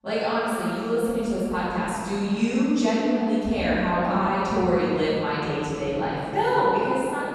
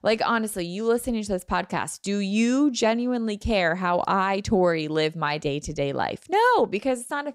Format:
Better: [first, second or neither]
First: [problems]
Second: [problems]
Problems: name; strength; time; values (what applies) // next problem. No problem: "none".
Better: second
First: off-mic speech; far // room echo; strong; dies away in 3 s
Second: none